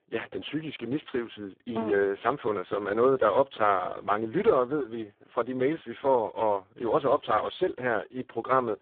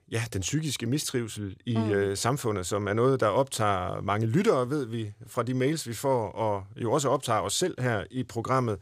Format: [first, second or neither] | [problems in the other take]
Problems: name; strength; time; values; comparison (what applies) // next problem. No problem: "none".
second | phone-call audio; poor line